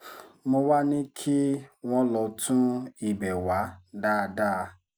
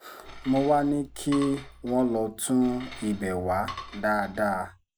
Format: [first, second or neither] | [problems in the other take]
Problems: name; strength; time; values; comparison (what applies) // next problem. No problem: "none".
first | background sound (Cutlery, silverware / Dishes, pots, and pans); 16 dB below the speech